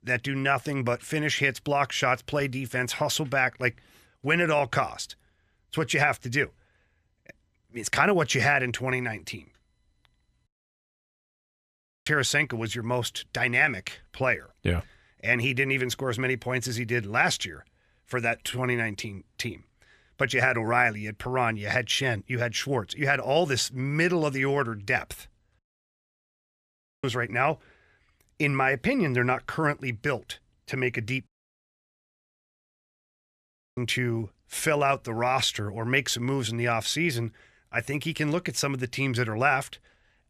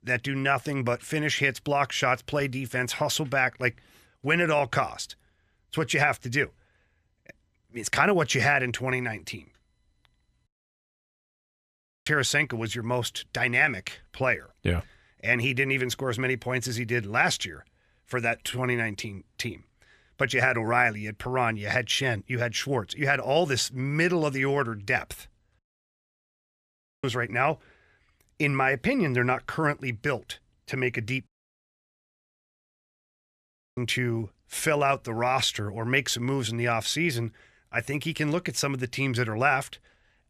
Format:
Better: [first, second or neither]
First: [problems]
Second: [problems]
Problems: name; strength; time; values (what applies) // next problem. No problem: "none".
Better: neither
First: audio cutting out; at 10 s for 1.5 s, at 26 s for 1.5 s and at 31 s for 2.5 s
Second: audio cutting out; at 10 s for 1.5 s, at 26 s for 1.5 s and at 31 s for 2.5 s